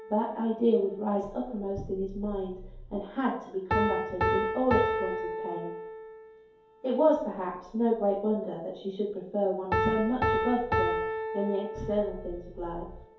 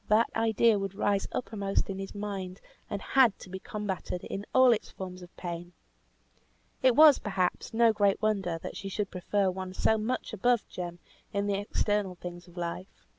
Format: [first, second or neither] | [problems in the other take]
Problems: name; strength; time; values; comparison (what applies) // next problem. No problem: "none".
second | background sound (Piano); 3 dB below the speech // room echo; dies away in 2.4 s